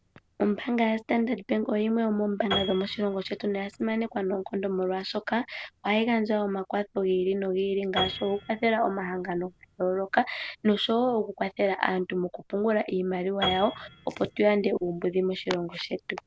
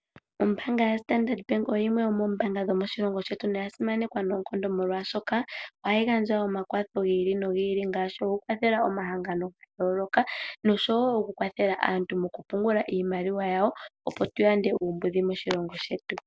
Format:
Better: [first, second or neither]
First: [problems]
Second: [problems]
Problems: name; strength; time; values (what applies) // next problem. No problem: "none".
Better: second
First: background sound (Piano); 14 dB below the speech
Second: none